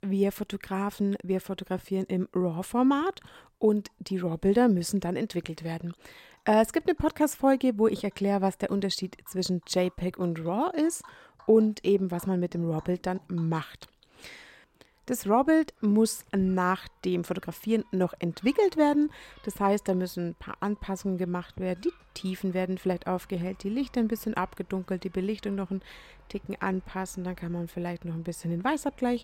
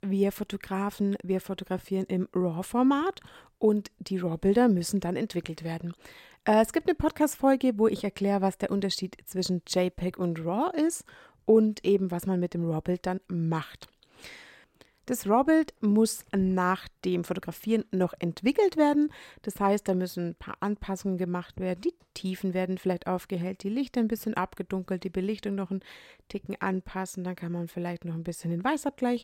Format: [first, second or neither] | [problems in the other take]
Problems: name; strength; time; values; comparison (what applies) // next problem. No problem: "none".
second | animal sounds; faint; throughout; 30 dB below the speech